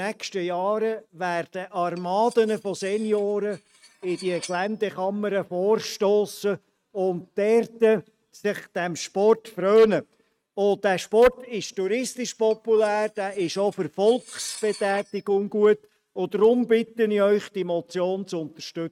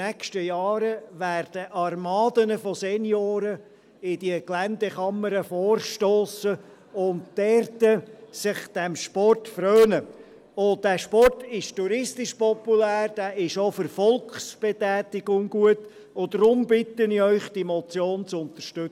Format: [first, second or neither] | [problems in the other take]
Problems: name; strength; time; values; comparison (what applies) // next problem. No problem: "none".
second | noise reduction (neural mask model RNNoise)